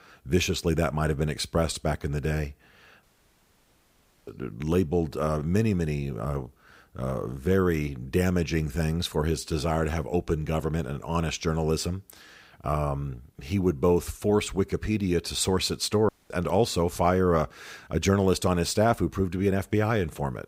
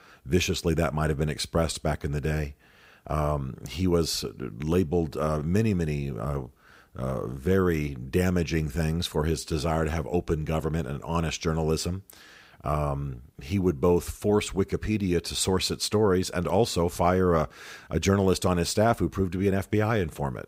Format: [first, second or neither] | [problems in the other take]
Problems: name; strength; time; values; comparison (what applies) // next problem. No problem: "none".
second | audio cutting out; at 3 s for 1 s and at 16 s